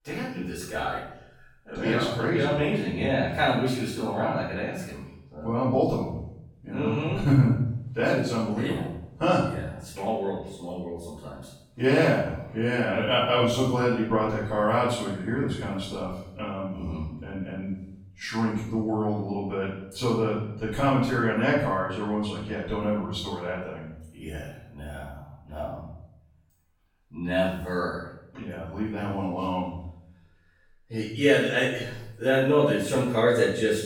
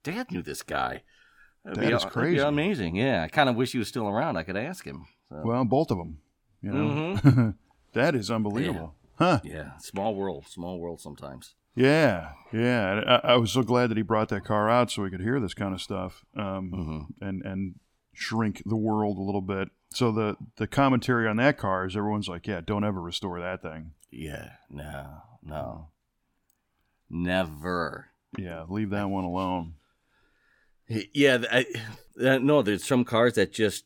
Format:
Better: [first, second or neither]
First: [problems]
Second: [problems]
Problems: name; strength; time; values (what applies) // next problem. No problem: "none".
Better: second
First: off-mic speech; far // room echo; noticeable; dies away in 0.7 s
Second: none